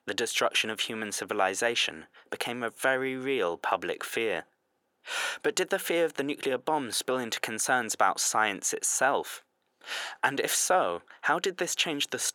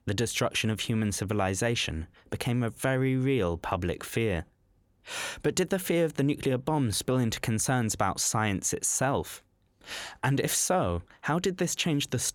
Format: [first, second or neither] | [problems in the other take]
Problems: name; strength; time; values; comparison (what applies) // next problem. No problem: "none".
second | thin; somewhat; fading below 450 Hz